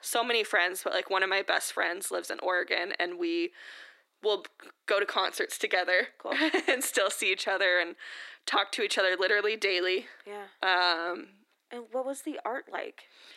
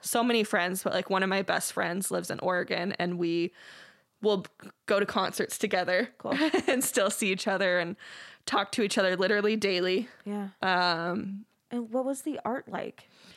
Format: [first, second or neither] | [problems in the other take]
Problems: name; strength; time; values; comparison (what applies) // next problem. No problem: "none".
second | thin; somewhat; fading below 300 Hz